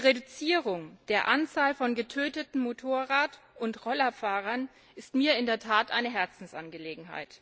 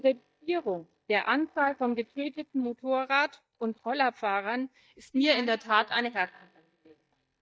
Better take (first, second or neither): first